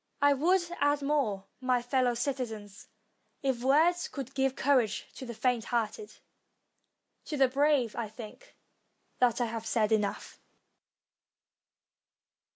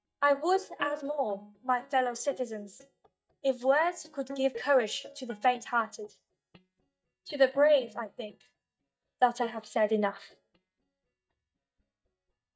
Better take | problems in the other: first | noise reduction (neural mask model DeepFilterNet 3)

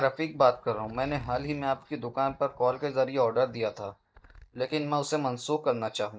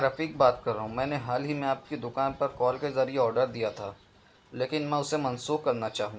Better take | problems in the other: second | noise reduction (neural mask model DeepFilterNet 3)

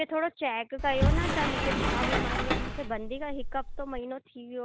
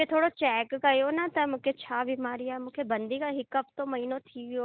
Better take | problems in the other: second | background sound (Sliding door); 4 dB above the speech

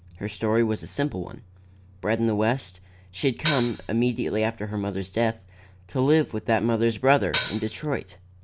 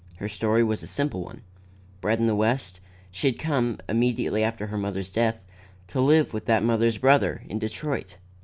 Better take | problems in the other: second | background sound (Hi-hat); 6 dB below the speech

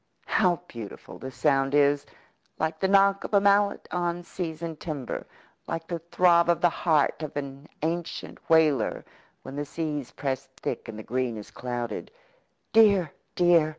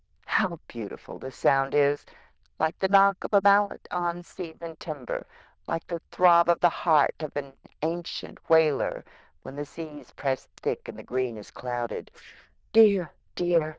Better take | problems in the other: first | noise reduction (neural diffusion model UNIVERSE++)

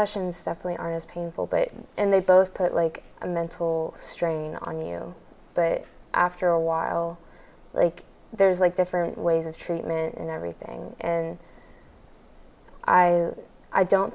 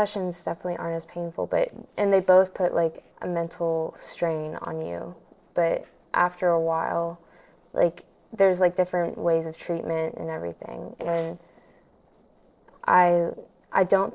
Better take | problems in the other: first | noise reduction (neural separator model SepFormer DNS4)

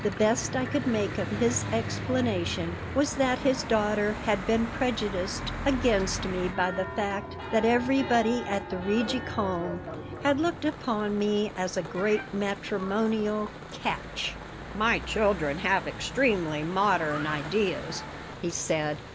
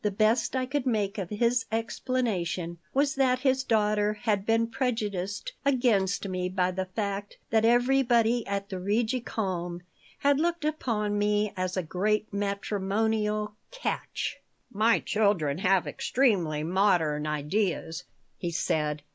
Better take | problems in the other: second | background sound (Church bell / Traffic noise, roadway noise); 8 dB below the speech

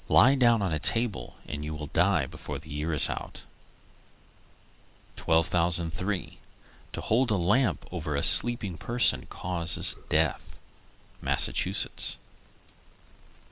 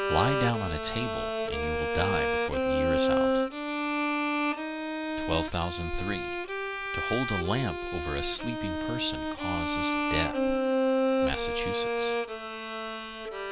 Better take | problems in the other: first | background sound (Bowed string instrument); 5 dB above the speech

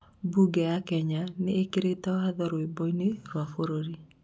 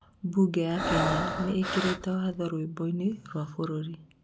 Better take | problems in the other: first | background sound (Breathing); 2 dB below the speech

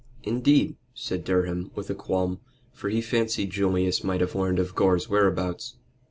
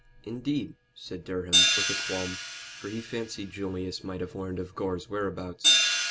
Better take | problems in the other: first | background sound (Hi-hat); 4 dB above the speech

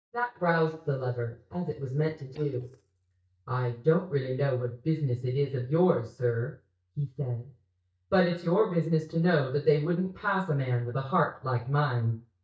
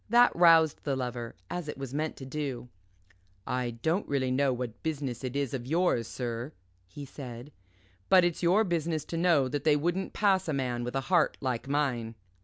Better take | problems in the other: second | noise reduction (neural mask model DeepFilterNet 3)

